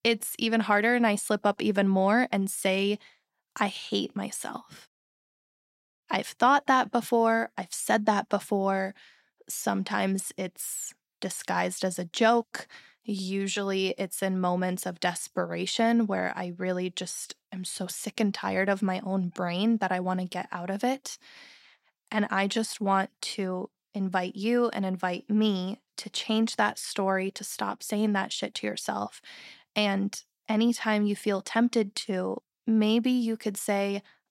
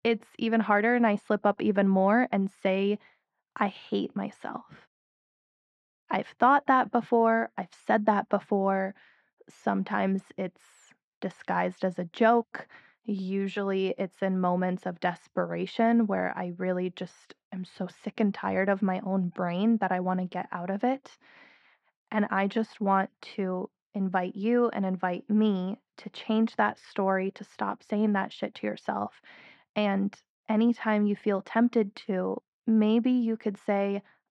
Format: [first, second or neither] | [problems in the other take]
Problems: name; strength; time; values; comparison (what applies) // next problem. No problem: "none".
first | muffled; very; fading above 2 kHz